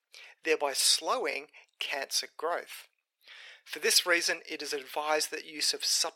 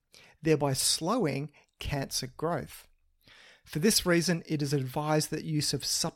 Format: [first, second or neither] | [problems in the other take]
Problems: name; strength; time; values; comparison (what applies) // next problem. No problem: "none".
second | thin; very; fading below 450 Hz